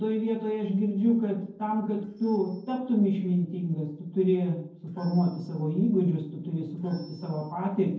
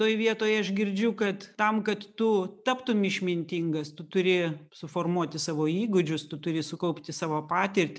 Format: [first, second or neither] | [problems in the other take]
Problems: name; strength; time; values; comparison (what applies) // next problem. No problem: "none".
second | noise reduction (neural separator model SepFormer DNS4)